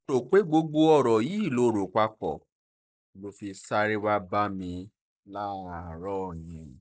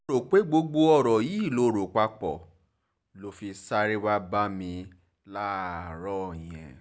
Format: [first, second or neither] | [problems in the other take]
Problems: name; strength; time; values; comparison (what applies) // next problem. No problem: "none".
second | noise reduction (neural mask model Resemble Enhance denoiser)